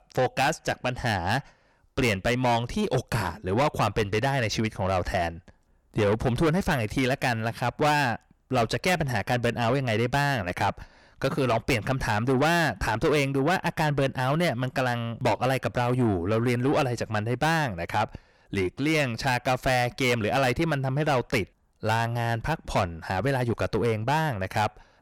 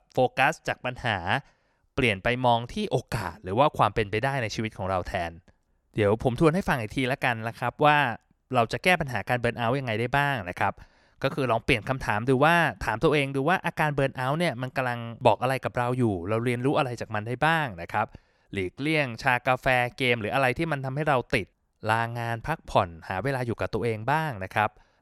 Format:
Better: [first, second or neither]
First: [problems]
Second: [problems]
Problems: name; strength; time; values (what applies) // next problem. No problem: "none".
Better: second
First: distortion; heavy; 7 dB below the speech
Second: none